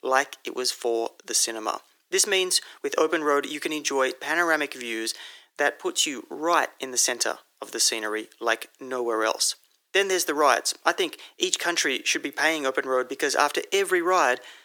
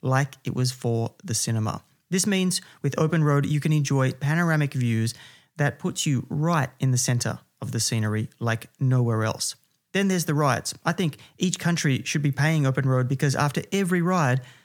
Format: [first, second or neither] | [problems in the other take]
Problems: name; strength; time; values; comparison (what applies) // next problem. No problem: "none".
second | thin; very; fading below 350 Hz